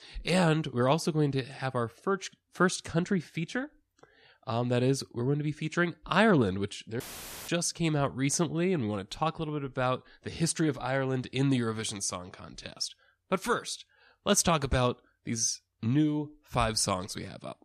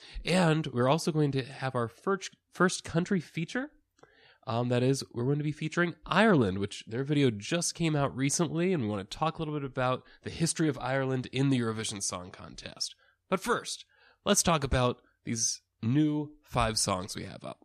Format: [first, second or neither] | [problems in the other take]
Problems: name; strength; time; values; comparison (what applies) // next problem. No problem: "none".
second | audio cutting out; filled with static; at 7 s